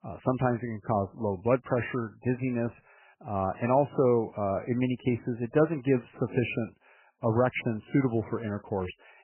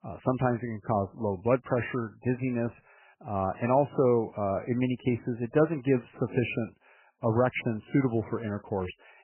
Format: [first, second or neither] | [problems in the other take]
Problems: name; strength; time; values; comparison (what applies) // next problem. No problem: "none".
neither | garbled, watery; badly; nothing above 3 kHz; the same in both